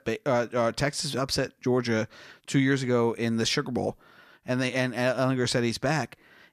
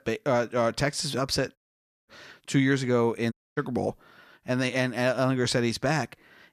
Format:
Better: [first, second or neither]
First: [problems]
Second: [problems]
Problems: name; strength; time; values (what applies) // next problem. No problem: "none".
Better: first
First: none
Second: audio cutting out; at 1.5 s for 0.5 s and at 3.5 s